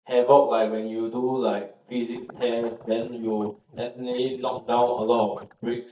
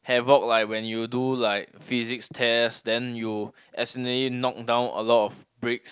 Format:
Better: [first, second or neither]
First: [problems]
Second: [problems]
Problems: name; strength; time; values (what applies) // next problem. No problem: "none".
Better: second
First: noise reduction (neural mask model DeepFilterNet 3)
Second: none